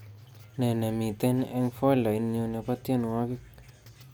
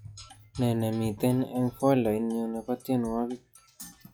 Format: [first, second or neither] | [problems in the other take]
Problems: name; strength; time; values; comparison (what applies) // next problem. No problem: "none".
first | noise reduction (classical method log-MMSE)